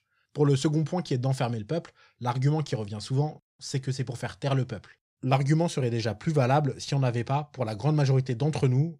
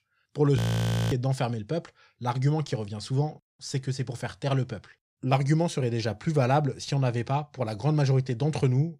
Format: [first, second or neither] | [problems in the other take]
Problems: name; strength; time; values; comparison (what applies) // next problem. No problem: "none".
first | audio freezing; at 0.5 s for 0.5 s